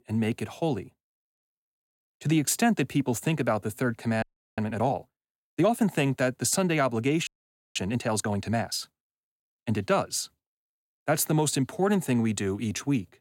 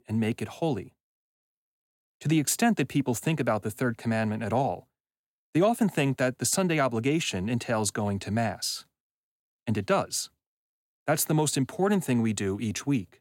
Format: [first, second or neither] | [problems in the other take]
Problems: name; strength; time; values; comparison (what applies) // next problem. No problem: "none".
second | audio freezing; at 4 s and at 7.5 s